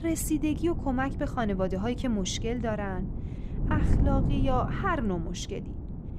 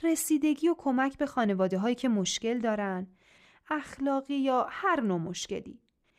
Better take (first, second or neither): second